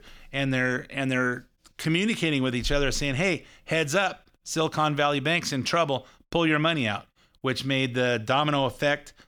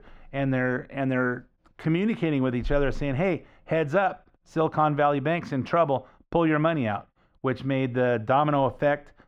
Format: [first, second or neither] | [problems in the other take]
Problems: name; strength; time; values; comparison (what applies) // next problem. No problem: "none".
first | muffled; very; fading above 3 kHz